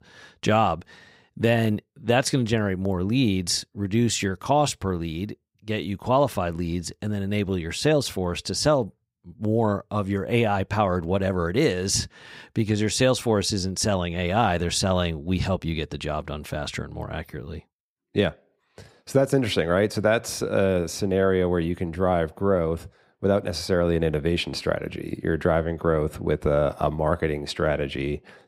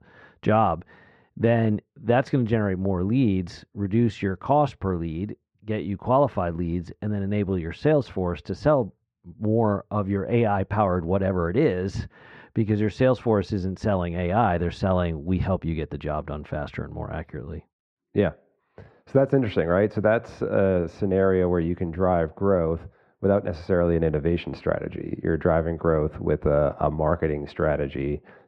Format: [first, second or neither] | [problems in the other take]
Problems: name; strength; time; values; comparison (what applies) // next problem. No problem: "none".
first | muffled; very; fading above 1.5 kHz